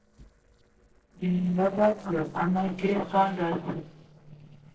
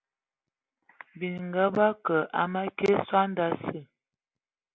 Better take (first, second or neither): second